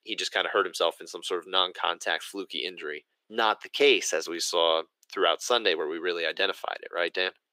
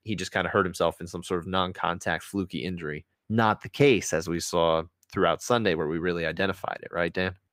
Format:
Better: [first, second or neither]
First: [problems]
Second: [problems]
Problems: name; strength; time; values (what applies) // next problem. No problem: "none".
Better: second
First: thin; somewhat; fading below 350 Hz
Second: none